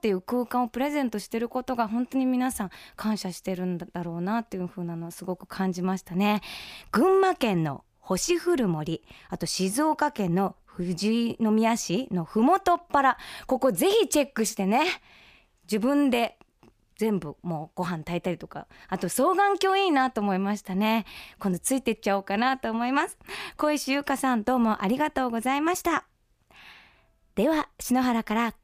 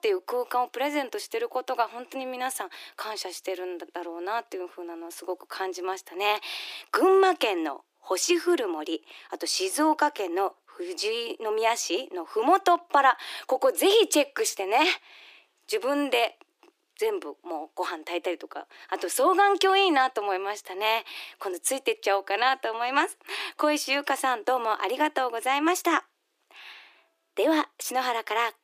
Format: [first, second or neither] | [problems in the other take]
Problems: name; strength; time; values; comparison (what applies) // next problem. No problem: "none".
first | thin; somewhat; fading below 300 Hz